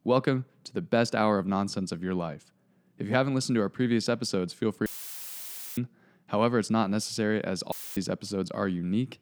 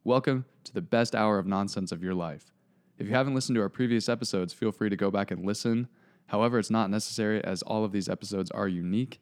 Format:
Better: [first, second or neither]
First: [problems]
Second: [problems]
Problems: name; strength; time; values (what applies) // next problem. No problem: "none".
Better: second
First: audio cutting out; filled with static; at 5 s for 1 s and at 7.5 s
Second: none